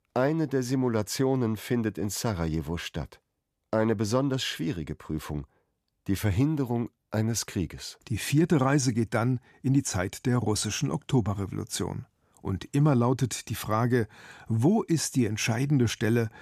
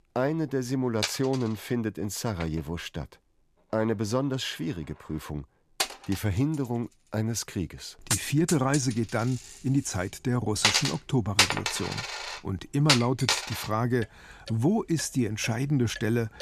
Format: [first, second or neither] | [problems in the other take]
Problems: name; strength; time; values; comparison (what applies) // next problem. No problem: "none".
first | household noises; very loud; throughout; 1 dB above the speech